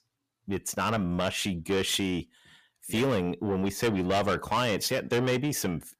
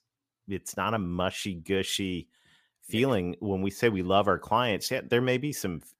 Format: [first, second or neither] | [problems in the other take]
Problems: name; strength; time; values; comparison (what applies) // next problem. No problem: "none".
second | distortion; heavy; 7 dB below the speech